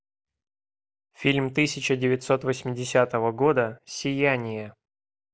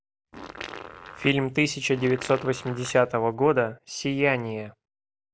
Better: first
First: none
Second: background sound (Fart); 15 dB below the speech

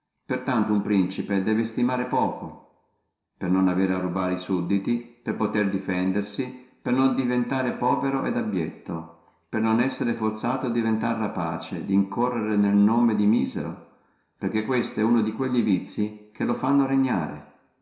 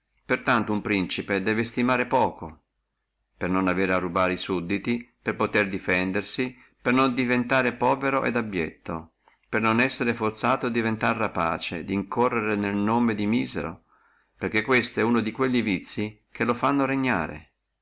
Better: second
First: room echo; dies away in 0.7 s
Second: none

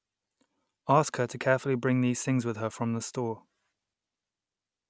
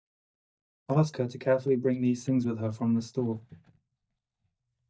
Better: first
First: none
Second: noise reduction (neural mask model DeepFilterNet 3)

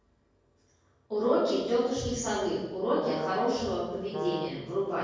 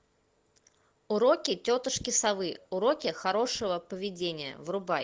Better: second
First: background sound (Brass instrument); 8 dB below the speech // room echo; dies away in 1.3 s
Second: none

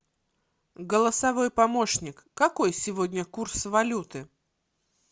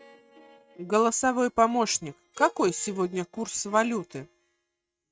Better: first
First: none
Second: noise reduction (neural mask model RNNoise)

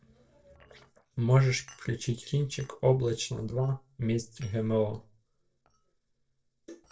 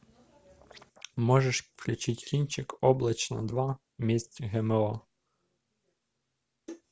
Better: second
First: noise reduction (neural separator model SepFormer DNS4)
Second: none

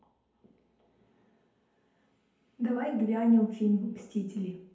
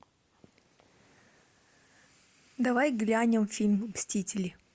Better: second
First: room echo; dies away in 2.1 s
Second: none

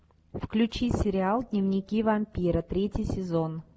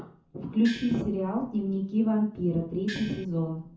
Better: first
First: none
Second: background sound (Gong); 12 dB below the speech // room echo; dies away in 0.6 s

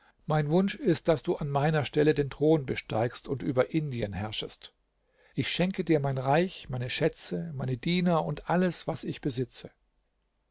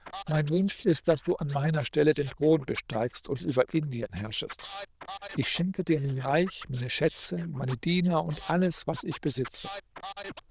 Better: first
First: none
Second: noise reduction (neural diffusion model UNIVERSE++)

